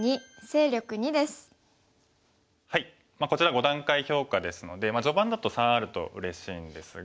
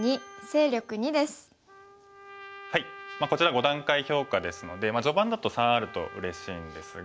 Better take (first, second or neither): first